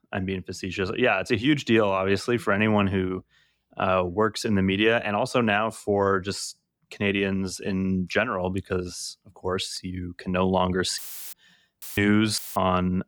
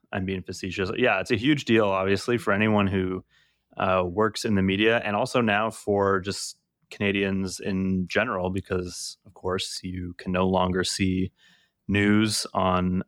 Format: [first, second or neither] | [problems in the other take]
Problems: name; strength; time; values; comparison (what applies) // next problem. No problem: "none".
second | audio cutting out; filled with static; at 11 s and at 12 s